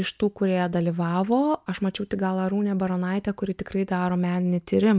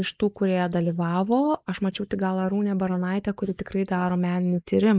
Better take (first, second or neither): first